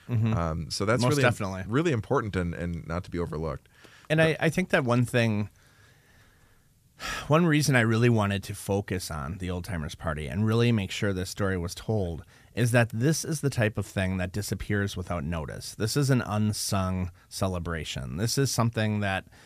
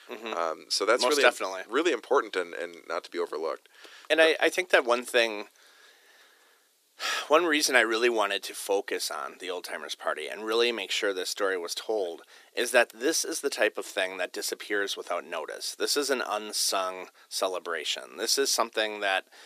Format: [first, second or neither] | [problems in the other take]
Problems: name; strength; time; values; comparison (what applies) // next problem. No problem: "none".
first | thin; very; fading below 350 Hz